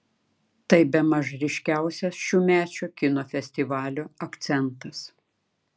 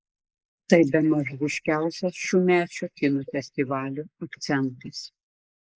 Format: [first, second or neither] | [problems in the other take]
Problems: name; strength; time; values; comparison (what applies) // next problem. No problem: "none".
first | noise reduction (neural mask model Resemble Enhance denoiser)